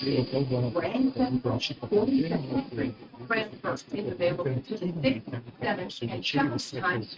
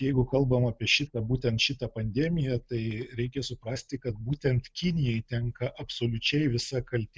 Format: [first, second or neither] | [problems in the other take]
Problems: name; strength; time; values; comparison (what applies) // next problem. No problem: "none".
second | noise reduction (neural mask model RNNoise)